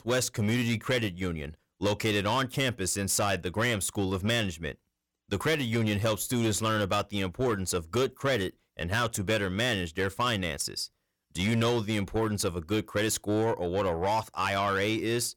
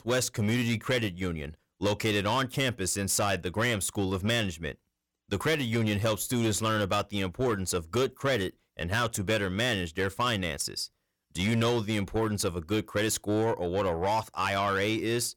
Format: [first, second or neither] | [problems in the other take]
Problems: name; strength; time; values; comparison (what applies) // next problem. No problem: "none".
neither | distortion; slight; 10 dB below the speech; the same in both